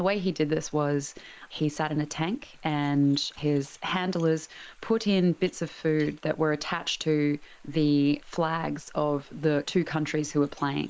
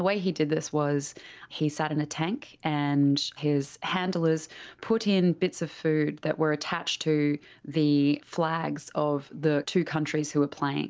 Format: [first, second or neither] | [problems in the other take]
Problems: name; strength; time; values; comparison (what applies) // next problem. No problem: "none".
second | noise reduction (neural mask model Resemble Enhance denoiser)